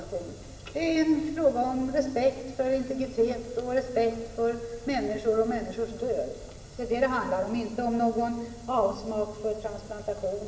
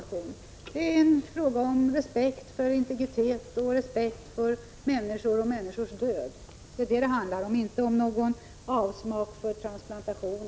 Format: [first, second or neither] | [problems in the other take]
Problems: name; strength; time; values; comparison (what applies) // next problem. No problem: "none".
second | room echo; dies away in 2.5 s